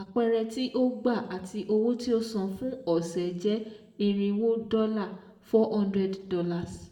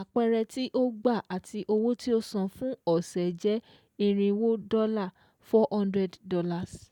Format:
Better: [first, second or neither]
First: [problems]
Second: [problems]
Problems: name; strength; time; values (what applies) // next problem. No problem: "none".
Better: second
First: room echo; dies away in 0.7 s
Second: none